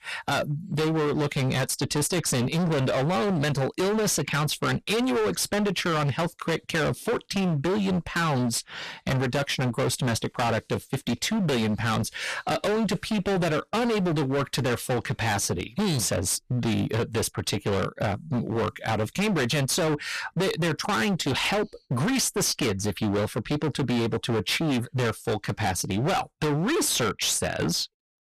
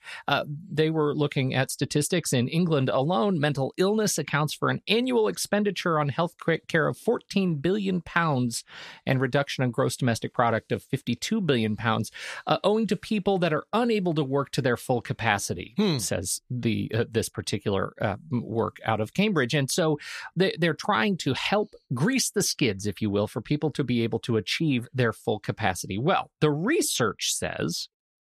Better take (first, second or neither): second